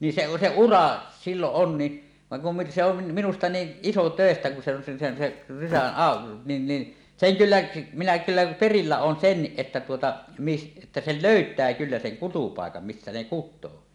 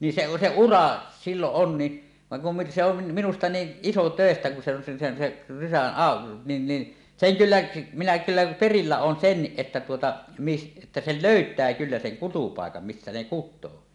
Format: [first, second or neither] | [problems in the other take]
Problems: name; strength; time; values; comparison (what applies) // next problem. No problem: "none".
second | background sound (Thump, thud); 17 dB below the speech